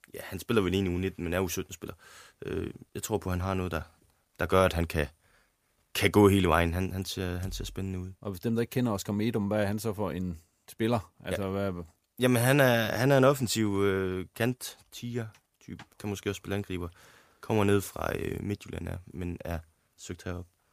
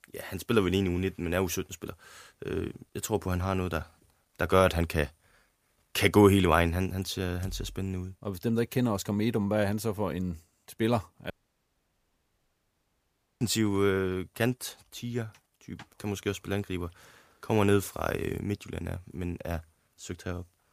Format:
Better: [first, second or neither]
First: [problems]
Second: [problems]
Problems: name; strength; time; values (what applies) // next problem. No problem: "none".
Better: first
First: none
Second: audio cutting out; at 11 s for 2 s